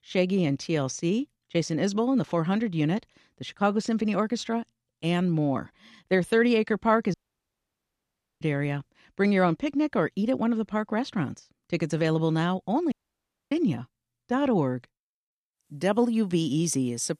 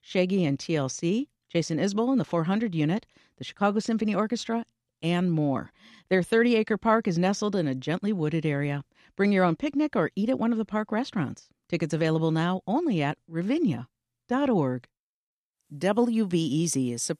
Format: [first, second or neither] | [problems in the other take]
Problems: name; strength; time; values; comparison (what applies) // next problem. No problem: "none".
second | audio cutting out; at 7 s for 1.5 s and at 13 s for 0.5 s